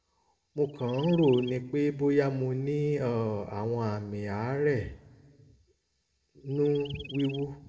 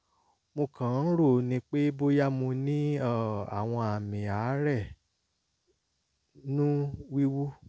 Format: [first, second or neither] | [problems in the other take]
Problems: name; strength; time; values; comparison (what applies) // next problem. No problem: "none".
second | background sound (Chirp, tweet); 18 dB below the speech // room echo; dies away in 0.8 s